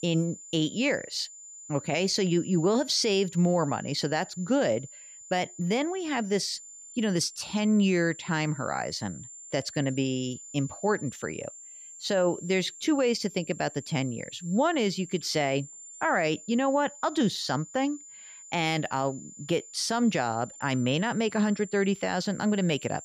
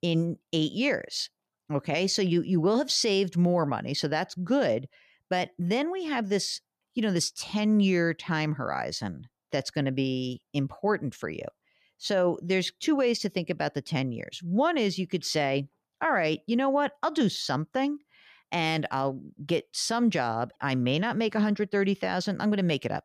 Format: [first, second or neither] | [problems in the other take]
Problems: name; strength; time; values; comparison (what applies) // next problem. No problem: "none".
second | high-pitched whine; noticeable; throughout; 7 kHz, 15 dB below the speech